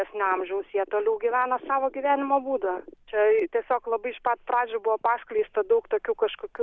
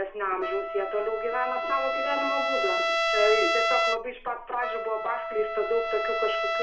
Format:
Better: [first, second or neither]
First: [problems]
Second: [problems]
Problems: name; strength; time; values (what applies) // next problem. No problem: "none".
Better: first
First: none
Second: background sound (Trumpet); 1 dB above the speech // room echo; dies away in 0.4 s